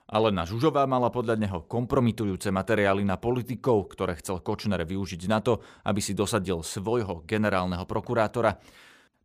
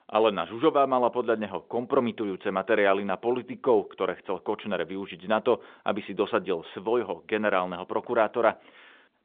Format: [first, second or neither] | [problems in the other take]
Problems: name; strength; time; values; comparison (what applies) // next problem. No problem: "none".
first | phone-call audio; nothing above 3.5 kHz